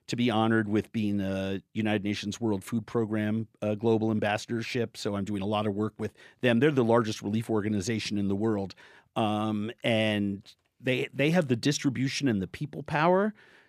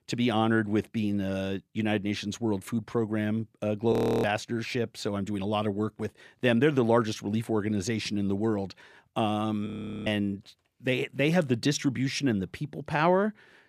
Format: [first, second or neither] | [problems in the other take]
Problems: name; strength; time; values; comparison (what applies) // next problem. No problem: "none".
first | audio freezing; at 4 s and at 9.5 s